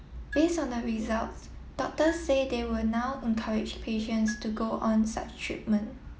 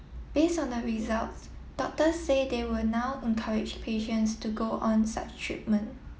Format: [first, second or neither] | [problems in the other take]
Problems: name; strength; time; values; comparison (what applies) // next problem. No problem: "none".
second | background sound (Marimba, xylophone); 19 dB below the speech